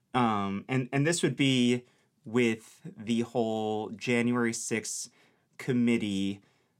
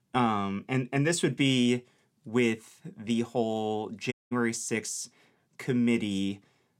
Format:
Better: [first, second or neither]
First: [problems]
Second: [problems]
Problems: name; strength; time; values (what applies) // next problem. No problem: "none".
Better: first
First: none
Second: audio cutting out; at 4 s